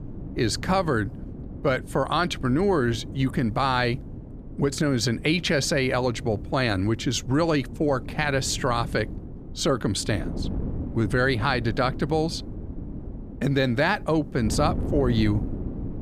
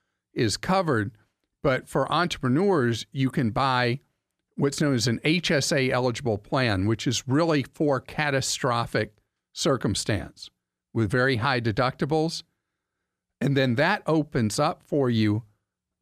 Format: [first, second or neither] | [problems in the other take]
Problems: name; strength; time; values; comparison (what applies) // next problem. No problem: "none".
second | wind noise on the microphone; occasional gusts; 15 dB below the speech